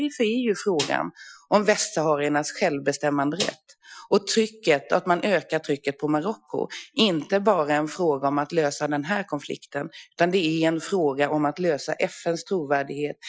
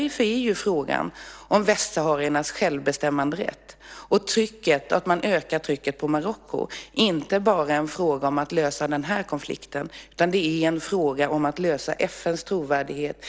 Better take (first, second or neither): second